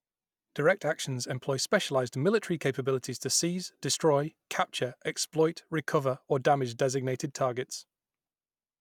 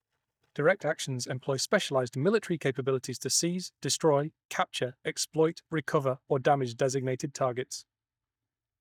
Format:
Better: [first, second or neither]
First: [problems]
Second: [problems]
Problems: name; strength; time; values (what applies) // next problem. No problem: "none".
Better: first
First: none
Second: noise reduction (neural mask model DeepFilterNet 3)